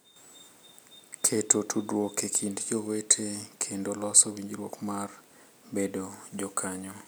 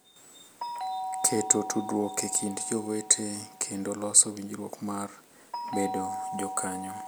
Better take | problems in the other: first | background sound (Doorbell); 8 dB below the speech

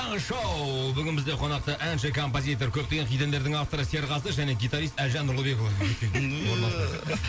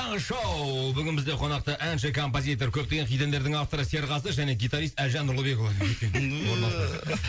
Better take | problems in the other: second | background sound (Engine); 17 dB below the speech

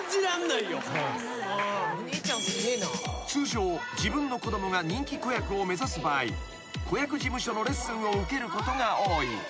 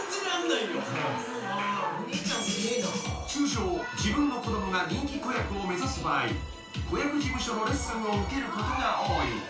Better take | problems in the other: first | room echo; dies away in 0.3 s

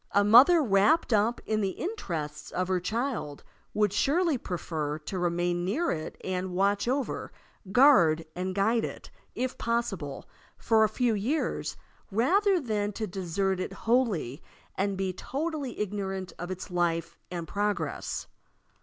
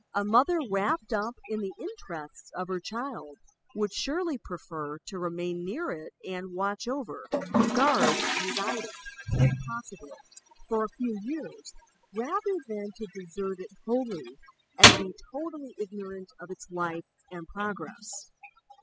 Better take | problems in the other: first | noise reduction (classical method spectral subtraction)

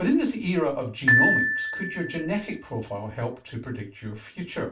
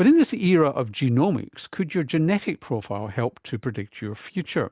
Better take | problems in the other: second | background sound (Glockenspiel); 1 dB above the speech // room echo; dies away in 0.2 s

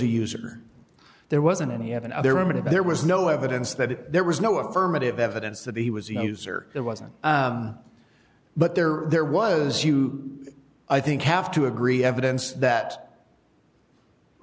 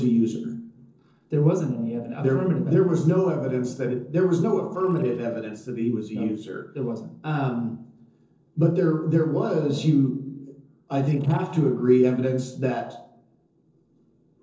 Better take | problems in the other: first | noise reduction (neural separator model SepFormer DNS4)

